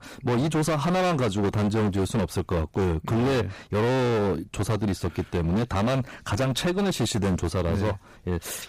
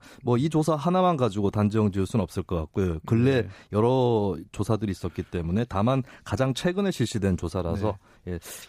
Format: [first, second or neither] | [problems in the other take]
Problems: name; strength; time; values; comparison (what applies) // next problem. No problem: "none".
second | distortion; heavy; 29% of the sound clipped